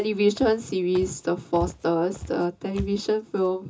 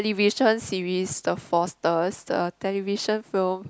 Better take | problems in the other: second | background sound (Walk, footsteps); 15 dB below the speech // room echo; dies away in 0.2 s

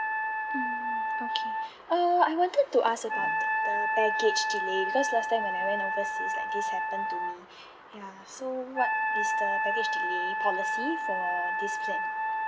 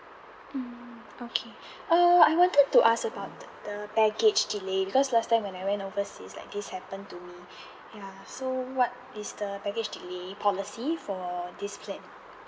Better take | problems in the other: second | background sound (Wind instrument, woodwind instrument); 1 dB above the speech

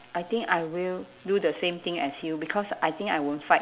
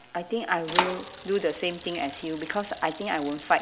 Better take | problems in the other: first | background sound (Bicycle); 6 dB below the speech

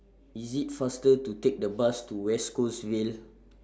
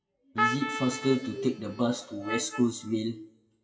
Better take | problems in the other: first | noise reduction (classical method WPE with log-MMSE)

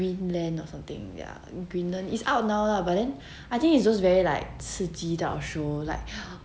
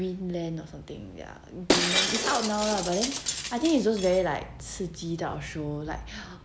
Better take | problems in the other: first | background sound (Shatter); 1 dB below the speech

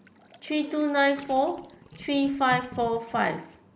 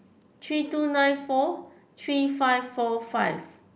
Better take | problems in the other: second | background sound (Gurgling); 19 dB below the speech

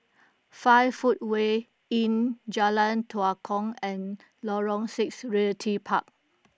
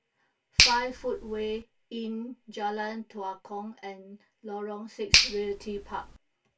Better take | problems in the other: first | background sound (Finger snapping); 3 dB above the speech // room echo; dies away in 0.2 s

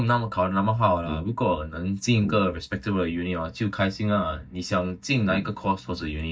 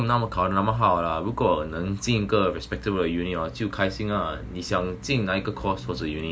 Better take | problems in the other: second | noise reduction (neural mask model DeepFilterNet 3)

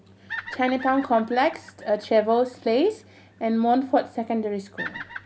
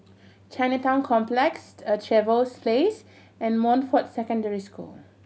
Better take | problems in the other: second | background sound (Bird vocalization, bird call, bird song); 17 dB below the speech

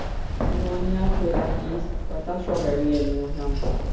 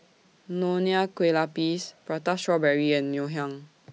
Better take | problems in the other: second | background sound (Keys jangling); 3 dB above the speech // room echo; dies away in 1.2 s

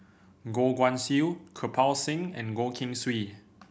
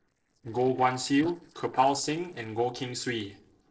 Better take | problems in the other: first | noise reduction (neural separator model SepFormer DNS4)

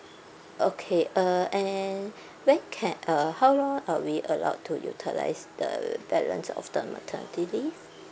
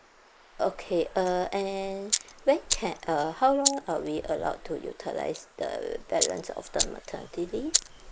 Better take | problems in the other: first | noise reduction (neural mask model Resemble Enhance denoiser)

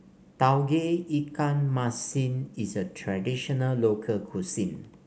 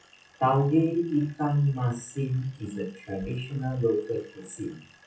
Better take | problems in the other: first | noise reduction (classical method WPE with log-MMSE)

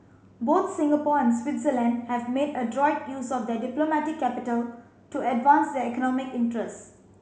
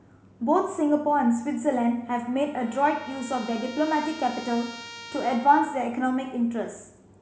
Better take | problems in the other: first | background sound (Trumpet); 19 dB below the speech

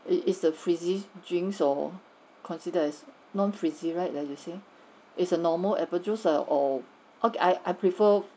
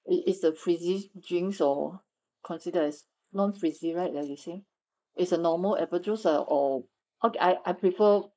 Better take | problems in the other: first | noise reduction (neural mask model Resemble Enhance denoiser)

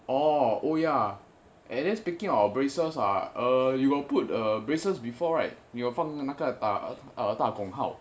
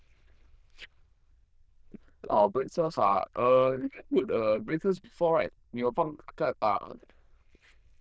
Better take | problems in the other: first | noise reduction (neural diffusion model UNIVERSE++)

